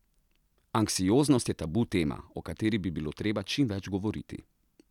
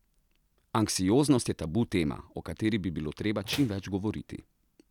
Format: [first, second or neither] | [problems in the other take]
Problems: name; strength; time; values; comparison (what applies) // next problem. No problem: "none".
first | background sound (Slam); 16 dB below the speech